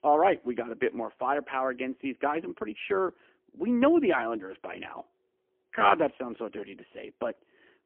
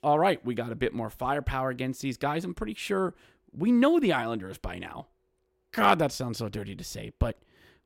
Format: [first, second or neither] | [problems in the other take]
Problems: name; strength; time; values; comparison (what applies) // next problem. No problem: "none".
second | phone-call audio; poor line; nothing above 3 kHz